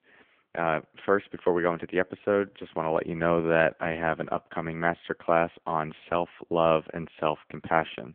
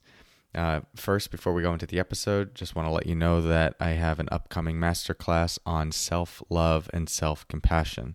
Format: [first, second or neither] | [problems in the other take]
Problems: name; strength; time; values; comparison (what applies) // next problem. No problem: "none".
second | phone-call audio; poor line